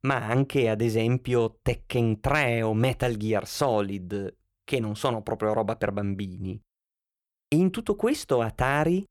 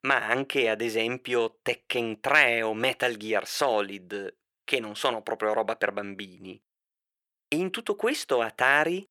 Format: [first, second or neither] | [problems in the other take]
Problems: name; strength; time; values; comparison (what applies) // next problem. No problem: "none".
first | thin; somewhat; fading below 400 Hz